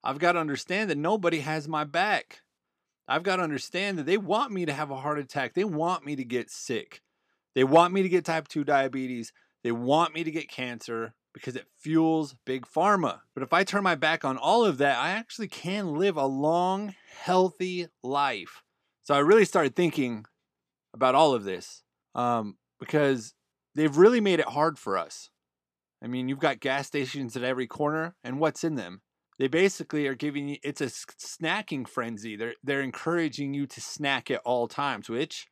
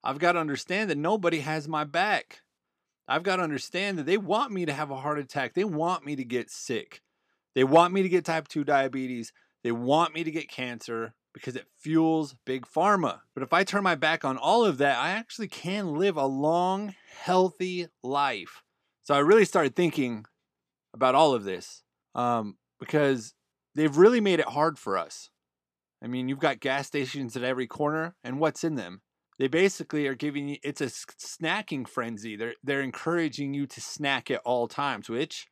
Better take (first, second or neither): neither